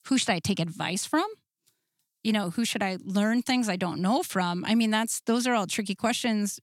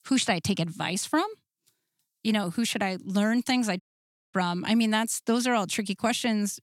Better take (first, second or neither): first